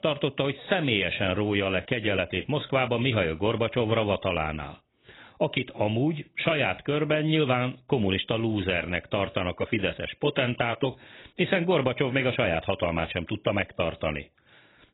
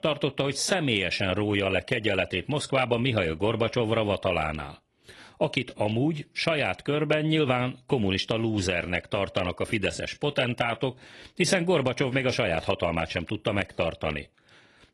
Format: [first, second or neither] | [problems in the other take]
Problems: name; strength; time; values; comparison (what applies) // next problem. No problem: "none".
second | garbled, watery; badly; nothing above 4 kHz; slightly in the second